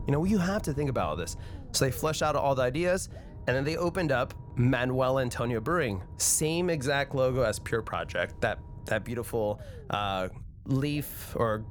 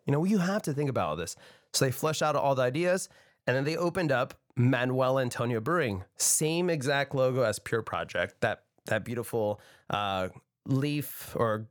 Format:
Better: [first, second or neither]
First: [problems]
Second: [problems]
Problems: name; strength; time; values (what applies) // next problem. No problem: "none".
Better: second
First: low rumble; faint; throughout; 25 dB below the speech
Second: none